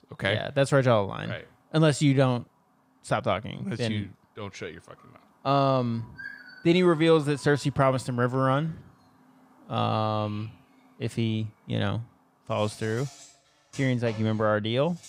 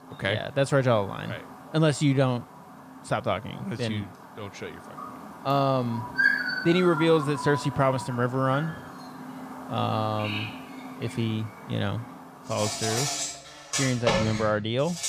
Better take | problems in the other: first | animal sounds; loud; throughout; 4 dB below the speech; faint in the first

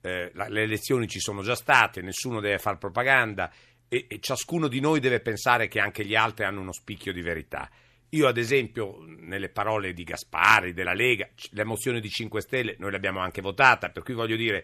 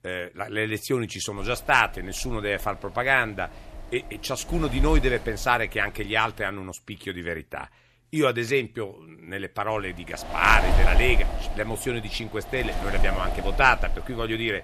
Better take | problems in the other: first | wind noise on the microphone; heavy; from 1.5 to 6.5 s and from 9.5 s on; 10 dB below the speech

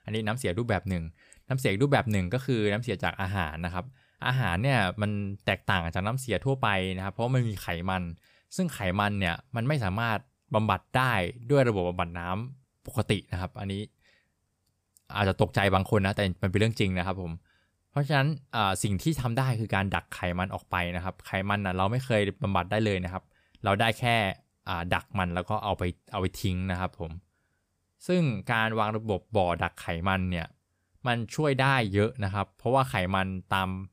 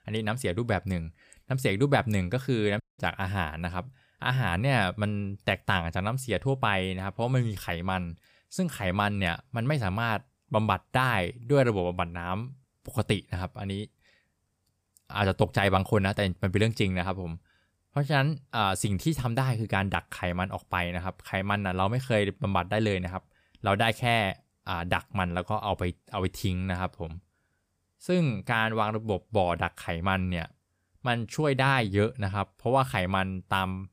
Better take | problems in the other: first | audio cutting out; at 3 s

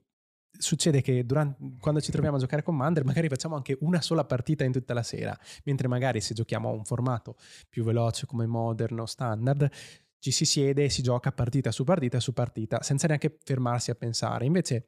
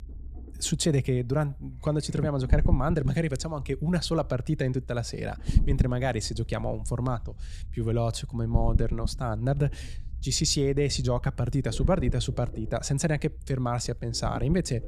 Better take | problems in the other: first | low rumble; noticeable; throughout; 15 dB below the speech

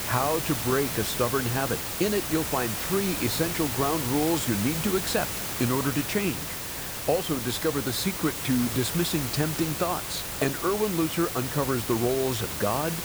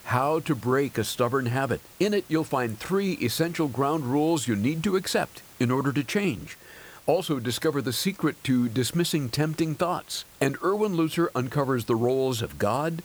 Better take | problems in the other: second | hiss; loud; throughout; 2 dB below the speech; faint in the second

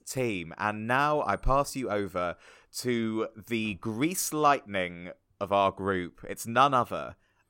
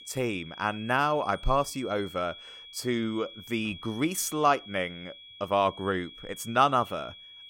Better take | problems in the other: first | high-pitched whine; noticeable; throughout; 3.5 kHz, 15 dB below the speech

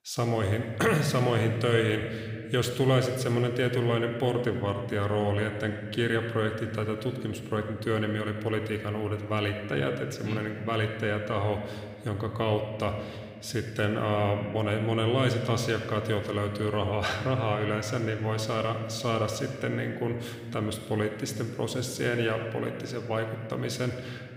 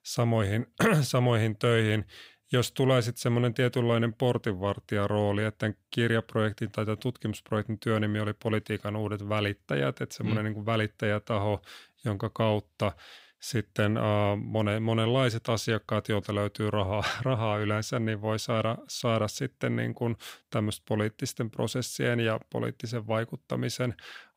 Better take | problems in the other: second | room echo; slight; dies away in 1.8 s

